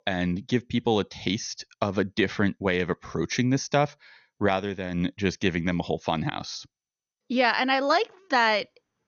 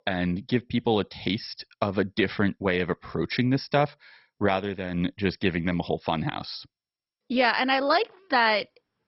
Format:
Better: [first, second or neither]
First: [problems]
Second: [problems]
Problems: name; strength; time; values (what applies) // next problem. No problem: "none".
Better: first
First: garbled, watery; slightly; nothing above 6.5 kHz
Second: garbled, watery; badly; nothing above 5.5 kHz